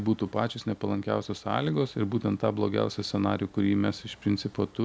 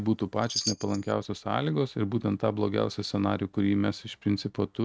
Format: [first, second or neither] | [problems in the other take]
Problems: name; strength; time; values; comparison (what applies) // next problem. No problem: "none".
first | noise reduction (neural mask model RNNoise)